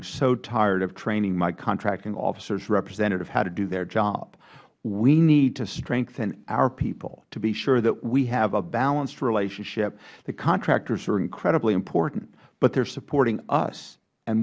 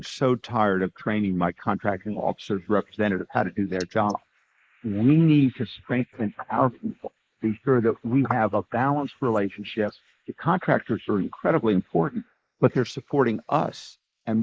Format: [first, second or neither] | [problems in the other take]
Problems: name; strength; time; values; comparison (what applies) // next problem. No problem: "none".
first | noise reduction (neural mask model Resemble Enhance denoiser)